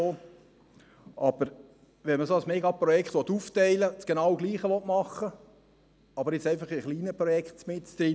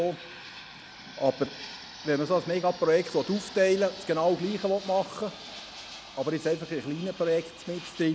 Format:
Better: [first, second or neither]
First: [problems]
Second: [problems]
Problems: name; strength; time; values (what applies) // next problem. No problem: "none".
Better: first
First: none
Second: background sound (Fixed-wing aircraft, airplane); 15 dB below the speech